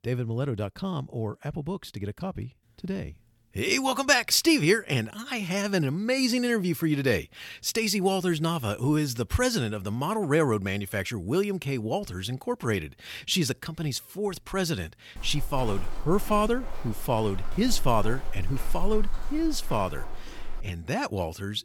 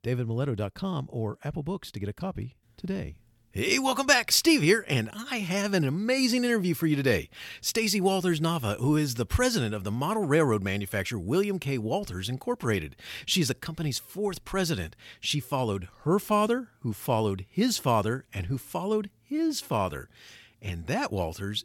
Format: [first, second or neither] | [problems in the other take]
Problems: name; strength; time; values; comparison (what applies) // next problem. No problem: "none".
second | footsteps; noticeable; from 15 to 21 s; peak 9 dB below the speech